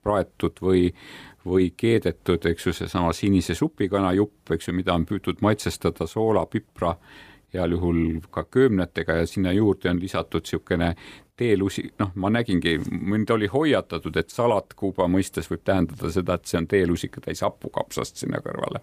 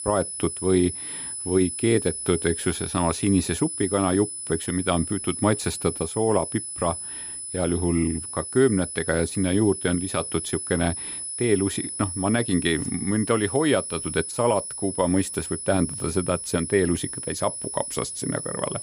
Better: first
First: none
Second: high-pitched whine; loud; throughout; 10 kHz, 6 dB below the speech

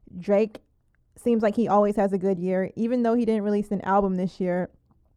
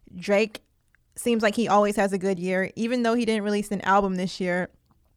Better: second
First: muffled; slightly; fading above 1.5 kHz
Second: none

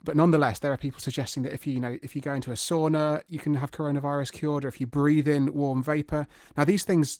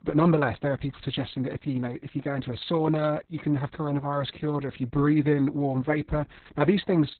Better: first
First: garbled, watery; slightly; nothing above 17.5 kHz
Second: garbled, watery; badly; nothing above 4 kHz

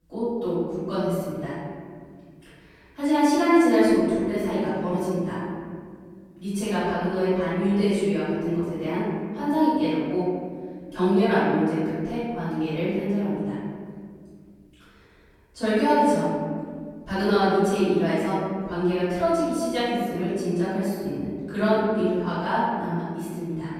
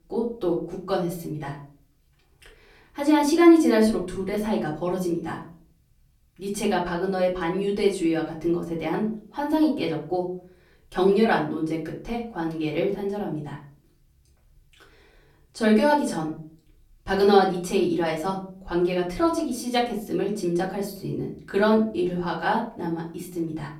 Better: second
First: room echo; strong; dies away in 2 s // off-mic speech; far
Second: room echo; slight; dies away in 0.4 s // off-mic speech; far

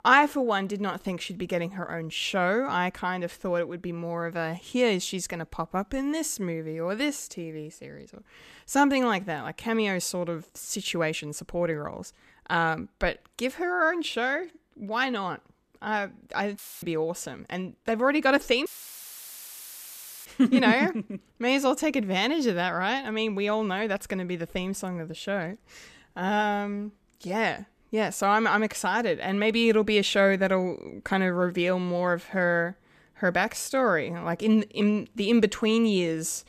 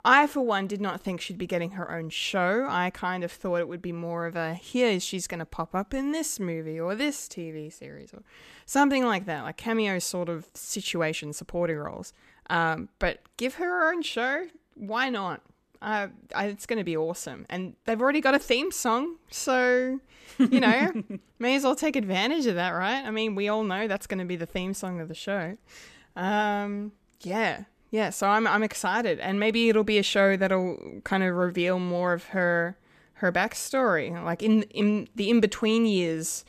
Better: second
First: audio cutting out; filled with static; at 17 s and at 19 s for 1.5 s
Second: none

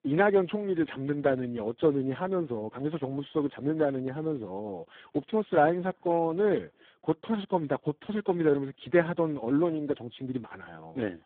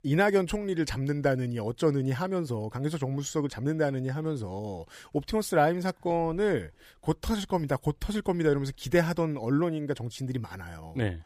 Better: second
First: phone-call audio; poor line; nothing above 3.5 kHz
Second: none

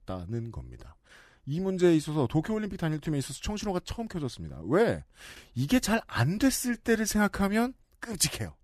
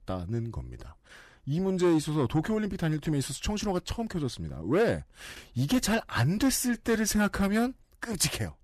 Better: first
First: none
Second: distortion; slight; 10 dB below the speech

